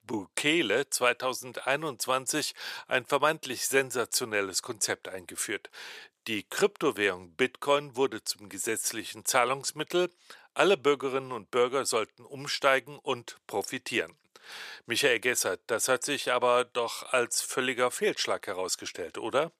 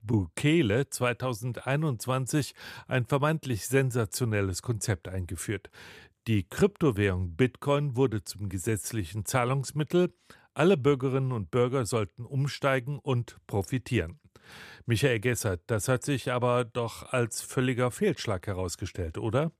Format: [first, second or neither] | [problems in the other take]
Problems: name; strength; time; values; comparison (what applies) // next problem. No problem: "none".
second | thin; very; fading below 450 Hz